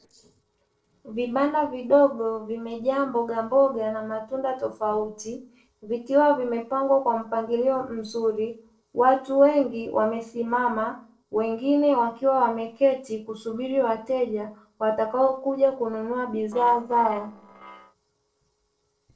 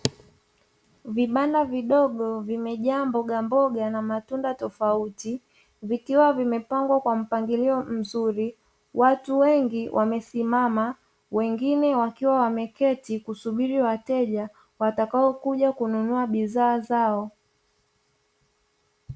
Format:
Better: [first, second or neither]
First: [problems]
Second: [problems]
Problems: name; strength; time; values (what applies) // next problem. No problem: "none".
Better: second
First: noise reduction (neural separator model SepFormer DNS4)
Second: none